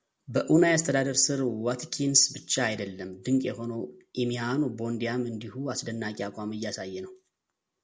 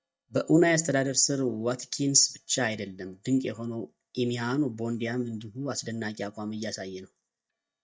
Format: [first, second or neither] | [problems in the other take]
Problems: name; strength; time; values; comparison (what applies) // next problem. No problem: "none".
first | noise reduction (neural mask model DeepFilterNet 3)